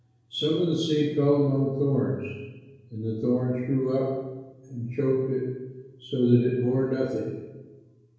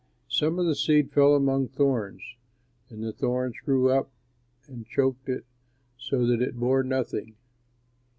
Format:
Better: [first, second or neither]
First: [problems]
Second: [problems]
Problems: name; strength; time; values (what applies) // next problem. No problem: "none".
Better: second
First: room echo; dies away in 1 s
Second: none